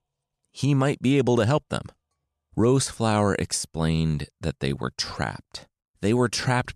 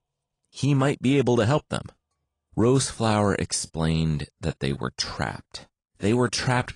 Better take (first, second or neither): first